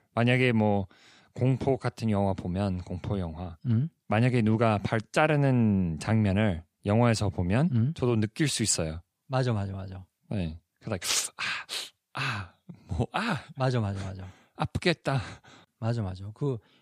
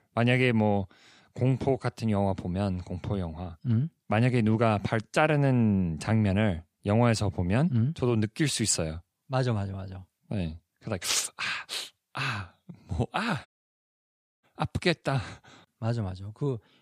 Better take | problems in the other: first | audio cutting out; at 13 s for 1 s

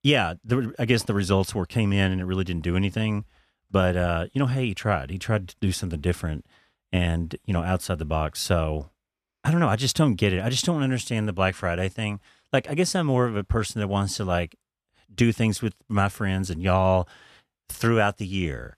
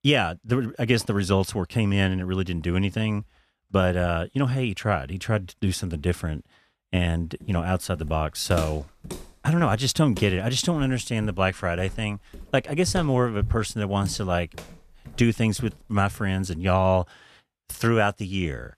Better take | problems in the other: first | footsteps; noticeable; from 8 to 16 s; peak 7 dB below the speech

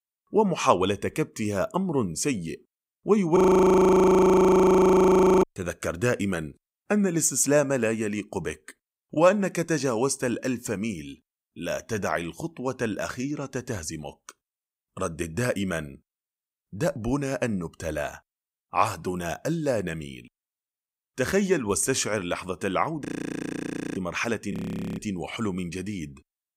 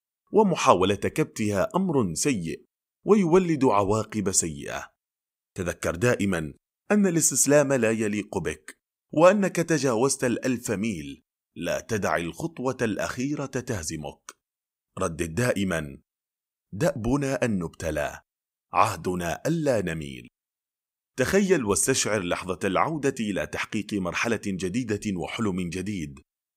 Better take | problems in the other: second | audio freezing; at 3.5 s for 2 s, at 23 s for 1 s and at 25 s

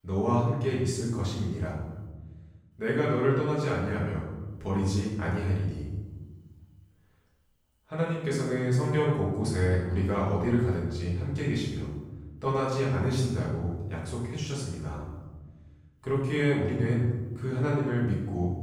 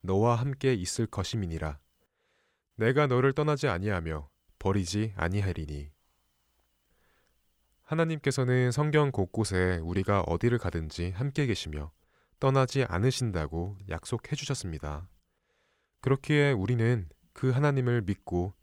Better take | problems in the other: second | off-mic speech; far // room echo; strong; dies away in 1.2 s

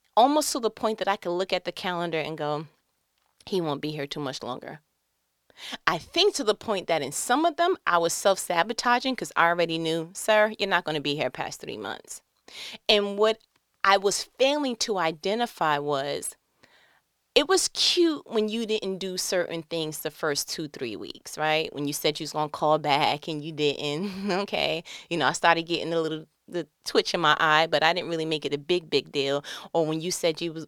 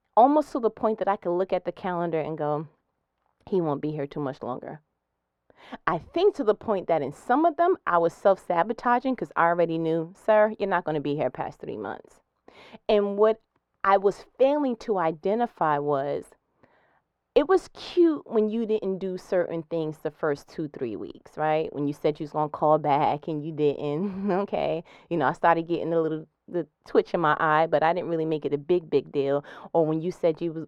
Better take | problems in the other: first | muffled; very; fading above 2.5 kHz

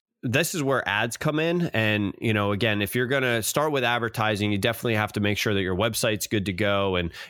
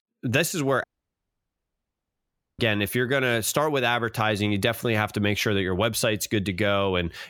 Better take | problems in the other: first | audio cutting out; at 1 s for 2 s

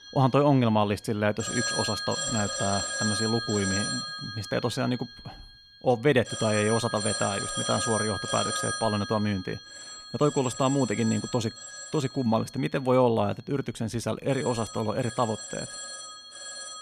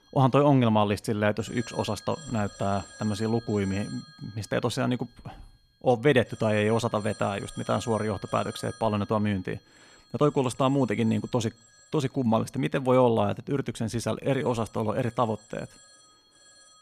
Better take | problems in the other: second | alarms or sirens; loud; throughout; 5 dB below the speech; faint in the second

